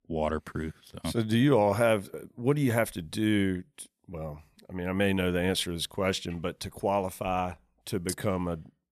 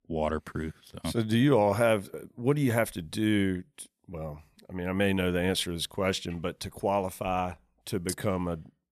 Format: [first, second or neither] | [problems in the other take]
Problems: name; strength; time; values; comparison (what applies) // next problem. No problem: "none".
neither | none